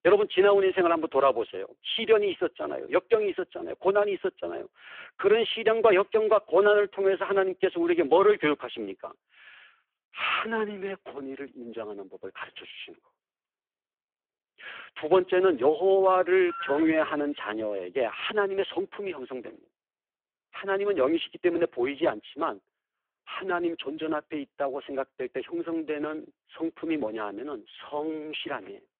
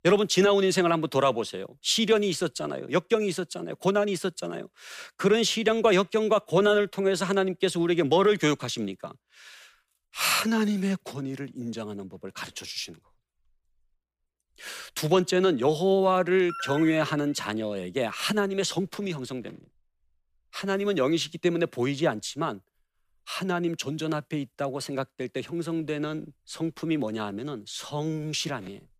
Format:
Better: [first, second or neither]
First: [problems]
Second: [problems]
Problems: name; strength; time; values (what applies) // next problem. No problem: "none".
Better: second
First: phone-call audio; poor line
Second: none